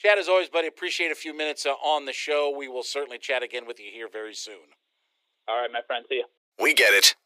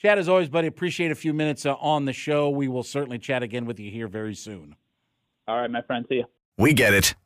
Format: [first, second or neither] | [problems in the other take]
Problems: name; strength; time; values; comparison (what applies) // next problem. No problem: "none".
second | thin; very; fading below 400 Hz